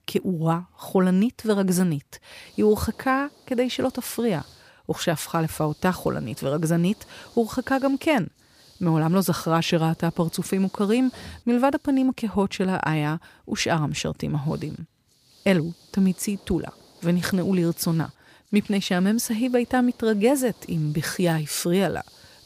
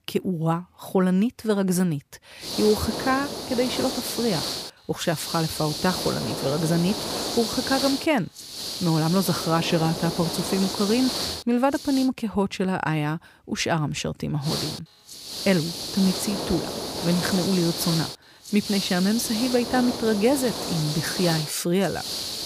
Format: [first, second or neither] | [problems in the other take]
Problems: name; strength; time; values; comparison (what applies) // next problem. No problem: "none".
first | hiss; loud; from 2.5 to 12 s and from 14 s on; 4 dB below the speech; faint in the first